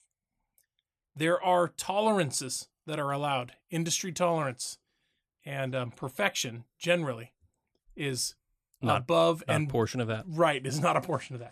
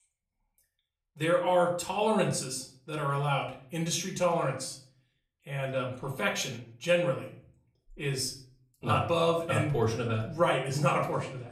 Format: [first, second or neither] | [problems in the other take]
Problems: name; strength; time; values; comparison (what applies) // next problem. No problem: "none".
first | room echo; slight; dies away in 0.5 s // off-mic speech; far